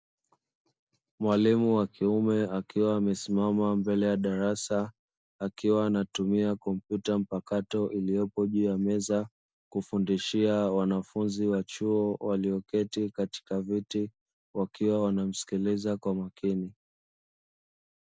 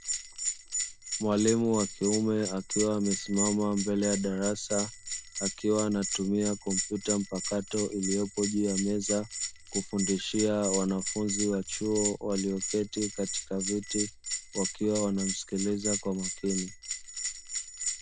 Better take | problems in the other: first | background sound (Bell); 5 dB below the speech

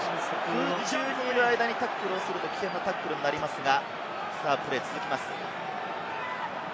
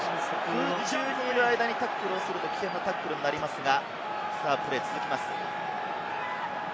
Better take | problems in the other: first | background sound (Wind instrument, woodwind instrument); 9 dB below the speech

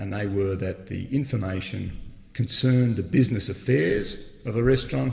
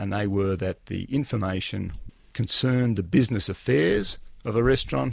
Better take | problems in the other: second | room echo; dies away in 2.4 s

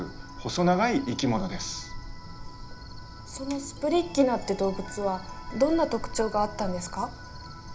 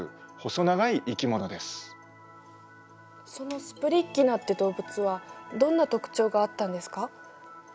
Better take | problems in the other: second | background sound (Cricket); 11 dB below the speech // room echo; dies away in 0.4 s

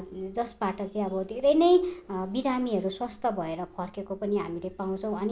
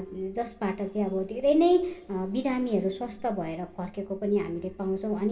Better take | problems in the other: first | room echo; dies away in 1.3 s

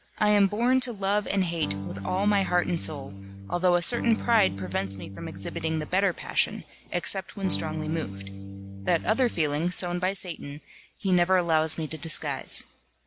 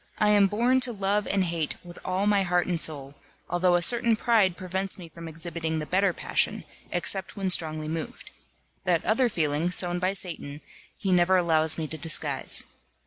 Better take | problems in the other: second | background sound (Electric guitar / Strum); 8 dB below the speech

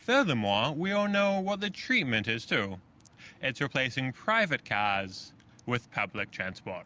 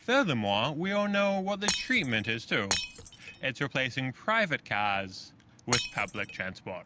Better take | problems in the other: first | background sound (Shatter); 6 dB below the speech

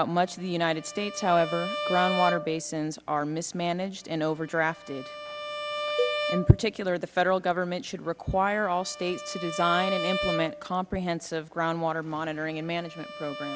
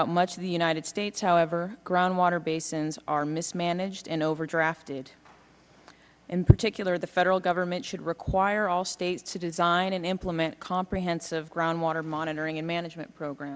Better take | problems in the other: second | background sound (Cowbell + Bowed string instrument); 7 dB below the speech

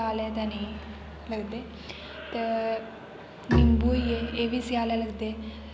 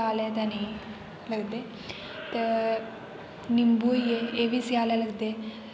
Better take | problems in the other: second | background sound (Bowed string instrument); 3 dB below the speech

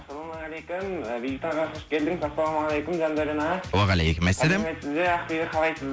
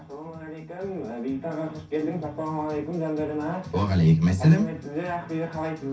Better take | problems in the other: first | room echo; dies away in 0.3 s

